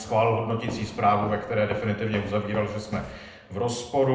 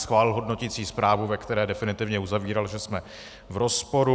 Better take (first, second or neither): second